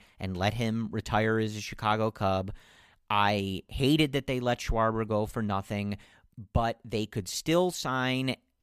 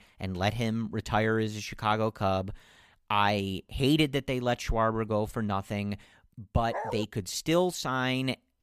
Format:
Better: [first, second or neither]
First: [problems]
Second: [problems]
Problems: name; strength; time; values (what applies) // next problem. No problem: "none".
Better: first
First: none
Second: dog barking; noticeable; at 6.5 s; peak 7 dB below the speech